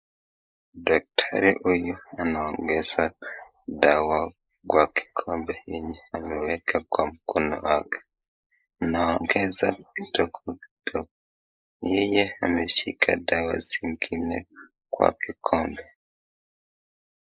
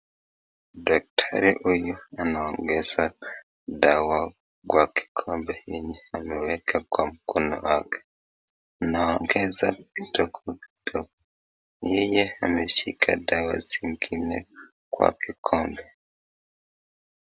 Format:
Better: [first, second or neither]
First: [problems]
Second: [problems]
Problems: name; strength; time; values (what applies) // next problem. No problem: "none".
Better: second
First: noise reduction (neural mask model Resemble Enhance denoiser)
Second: none